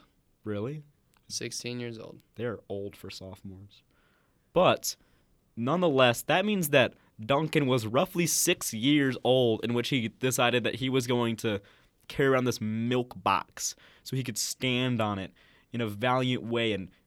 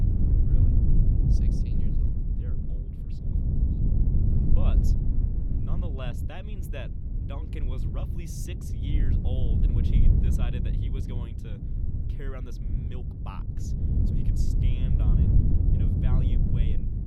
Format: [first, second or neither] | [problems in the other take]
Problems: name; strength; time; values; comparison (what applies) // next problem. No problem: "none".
first | wind noise on the microphone; heavy; 4 dB above the speech